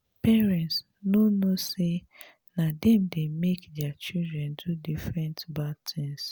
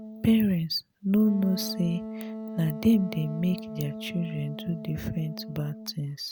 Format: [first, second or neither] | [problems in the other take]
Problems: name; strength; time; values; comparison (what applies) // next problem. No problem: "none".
first | background sound (Wind instrument, woodwind instrument); 11 dB below the speech